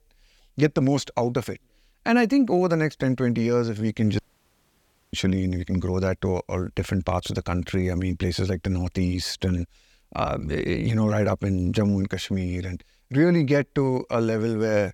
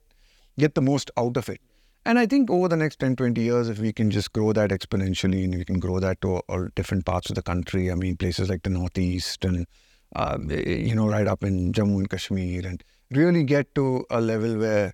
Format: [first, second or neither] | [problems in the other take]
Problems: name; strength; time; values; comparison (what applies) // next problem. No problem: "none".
second | audio cutting out; at 4 s for 1 s